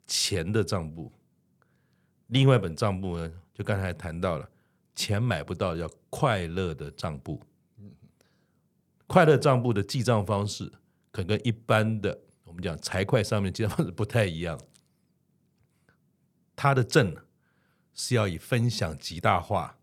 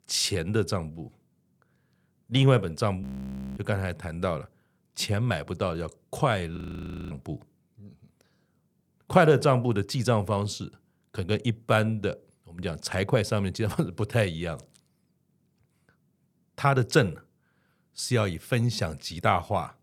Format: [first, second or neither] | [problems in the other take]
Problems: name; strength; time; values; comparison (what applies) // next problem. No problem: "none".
first | audio freezing; at 3 s for 0.5 s and at 6.5 s for 0.5 s